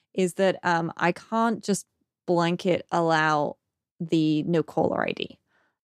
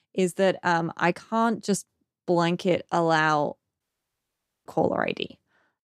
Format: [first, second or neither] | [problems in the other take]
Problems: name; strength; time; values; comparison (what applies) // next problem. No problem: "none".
first | audio cutting out; at 4 s for 1 s